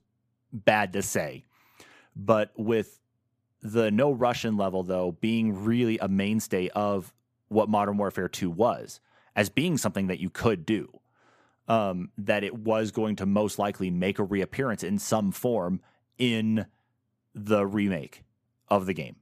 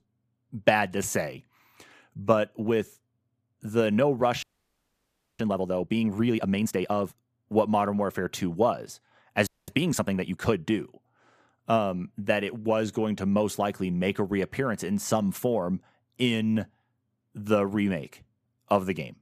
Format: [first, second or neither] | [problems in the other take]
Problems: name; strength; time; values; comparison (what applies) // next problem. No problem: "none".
first | audio freezing; at 4.5 s for 1 s and at 9.5 s